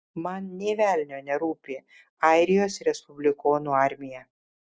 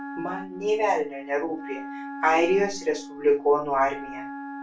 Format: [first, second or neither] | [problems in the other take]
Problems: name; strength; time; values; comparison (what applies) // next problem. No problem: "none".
first | background sound (Wind instrument, woodwind instrument); 12 dB below the speech // room echo; dies away in 0.2 s